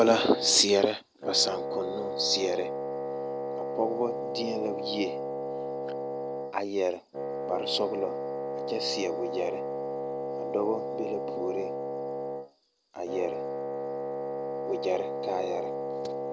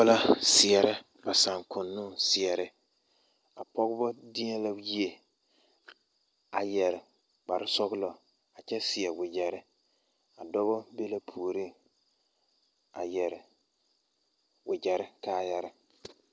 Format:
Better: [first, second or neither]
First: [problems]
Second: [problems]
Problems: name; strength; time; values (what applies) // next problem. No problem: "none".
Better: second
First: background sound (Wind instrument, woodwind instrument); 2 dB below the speech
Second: none